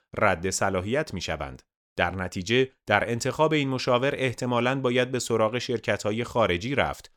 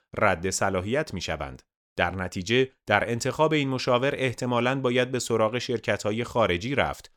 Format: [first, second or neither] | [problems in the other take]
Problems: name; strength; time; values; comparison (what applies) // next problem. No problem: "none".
neither | none